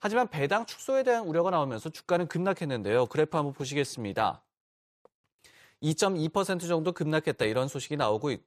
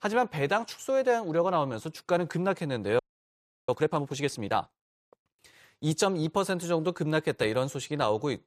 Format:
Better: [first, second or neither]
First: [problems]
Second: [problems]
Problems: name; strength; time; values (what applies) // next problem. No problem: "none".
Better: first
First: none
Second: audio freezing; at 3 s for 0.5 s